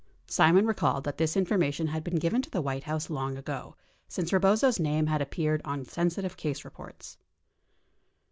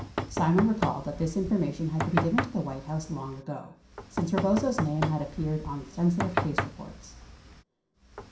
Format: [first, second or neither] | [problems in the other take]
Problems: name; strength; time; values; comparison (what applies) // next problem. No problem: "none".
first | background sound (Knock); 6 dB below the speech // room echo; dies away in 0.5 s